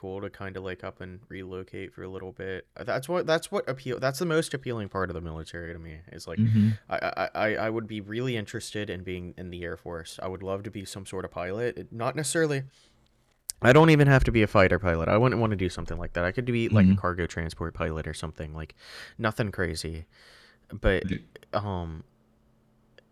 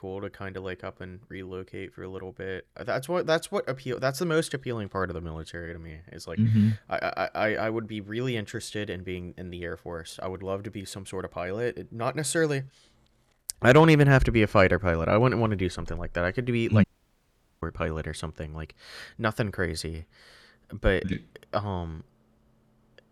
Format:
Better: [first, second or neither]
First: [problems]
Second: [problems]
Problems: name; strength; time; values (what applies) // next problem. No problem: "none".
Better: first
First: none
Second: audio cutting out; at 17 s for 1 s